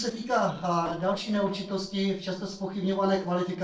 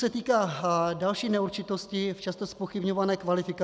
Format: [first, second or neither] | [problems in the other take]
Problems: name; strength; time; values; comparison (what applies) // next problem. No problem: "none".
second | noise reduction (neural separator model SepFormer DNS4)